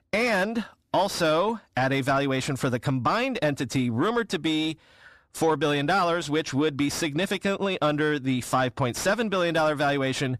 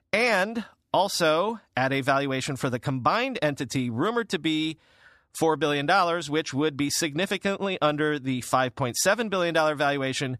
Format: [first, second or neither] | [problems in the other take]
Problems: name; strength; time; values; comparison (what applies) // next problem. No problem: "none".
second | distortion; slight; 10 dB below the speech